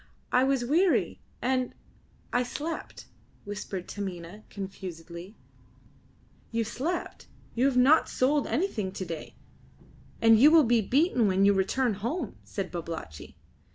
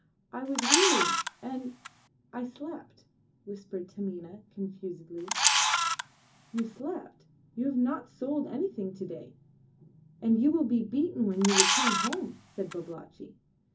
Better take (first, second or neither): first